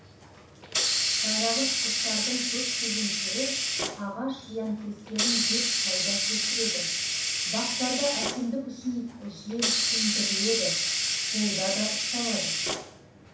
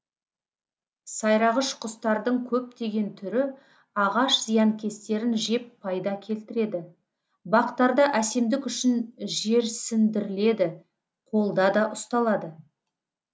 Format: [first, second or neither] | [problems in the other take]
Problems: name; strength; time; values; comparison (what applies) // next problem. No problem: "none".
second | background sound (Hiss); 5 dB above the speech // room echo; dies away in 0.6 s